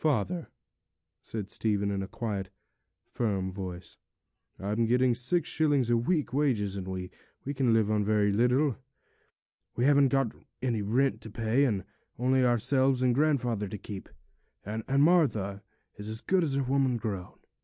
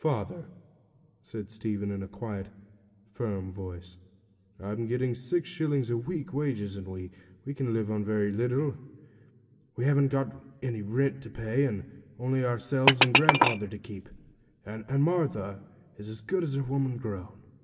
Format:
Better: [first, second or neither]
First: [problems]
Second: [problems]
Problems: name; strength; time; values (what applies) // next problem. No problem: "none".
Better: first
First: none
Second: background sound (Glass); 3 dB above the speech // room echo; dies away in 1.2 s